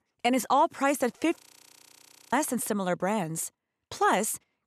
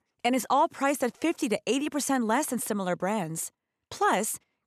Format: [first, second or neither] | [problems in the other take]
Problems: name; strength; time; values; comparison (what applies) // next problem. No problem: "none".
second | audio freezing; at 1.5 s for 1 s